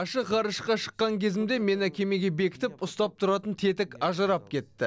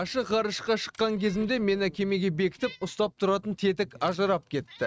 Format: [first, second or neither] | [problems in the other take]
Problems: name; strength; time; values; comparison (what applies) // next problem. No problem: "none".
first | noise reduction (neural mask model RNNoise)